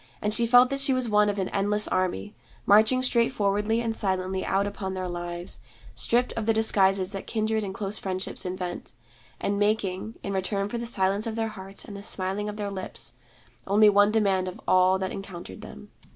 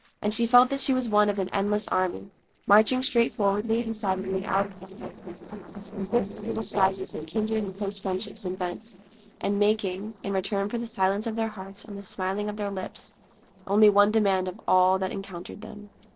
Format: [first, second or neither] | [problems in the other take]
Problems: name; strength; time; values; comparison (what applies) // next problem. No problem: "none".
first | noise reduction (neural separator model SepFormer DNS4)